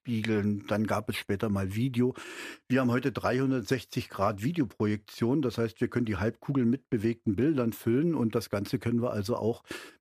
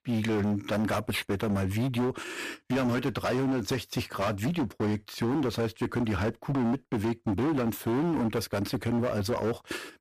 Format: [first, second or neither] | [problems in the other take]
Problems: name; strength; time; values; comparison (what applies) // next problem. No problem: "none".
first | distortion; heavy; 23% of the sound clipped